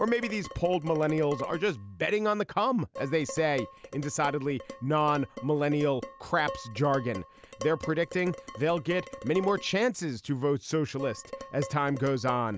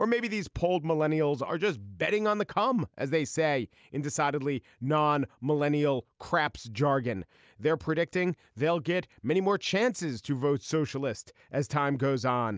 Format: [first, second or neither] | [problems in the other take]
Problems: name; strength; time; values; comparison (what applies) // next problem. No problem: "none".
second | background sound (Dishes, pots, and pans); 15 dB below the speech